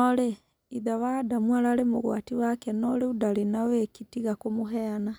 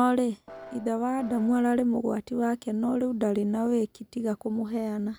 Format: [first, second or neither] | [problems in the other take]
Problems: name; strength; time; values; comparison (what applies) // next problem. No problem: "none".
first | background sound (Piano); 17 dB below the speech